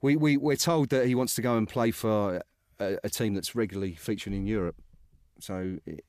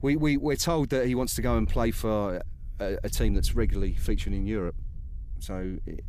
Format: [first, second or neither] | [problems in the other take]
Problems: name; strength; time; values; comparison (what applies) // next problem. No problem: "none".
first | wind noise on the microphone; occasional gusts; 25 dB below the speech